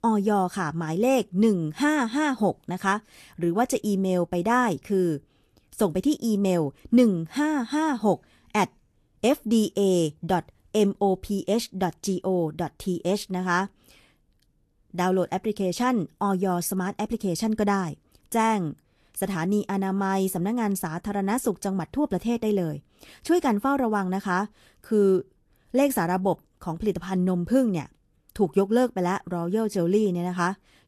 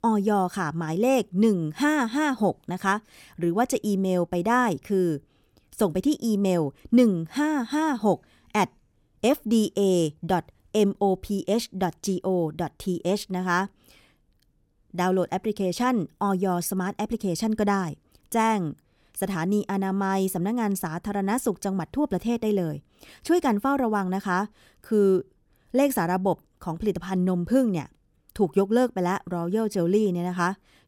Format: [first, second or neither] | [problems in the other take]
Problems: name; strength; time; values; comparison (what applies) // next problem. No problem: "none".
second | garbled, watery; slightly; nothing above 12.5 kHz